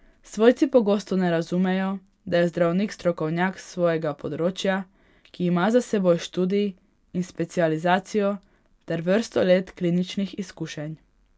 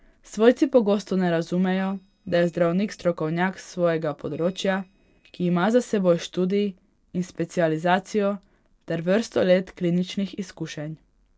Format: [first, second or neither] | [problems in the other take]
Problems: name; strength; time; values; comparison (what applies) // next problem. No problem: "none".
first | noise reduction (neural separator model SepFormer DNS4)